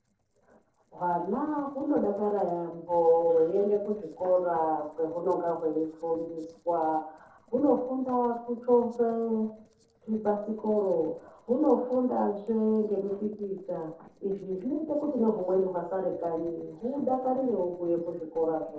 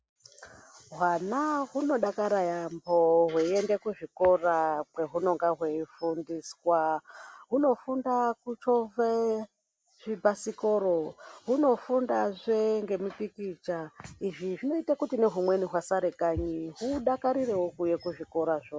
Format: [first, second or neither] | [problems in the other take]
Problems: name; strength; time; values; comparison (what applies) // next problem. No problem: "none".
second | noise reduction (neural separator model SepFormer DNS4)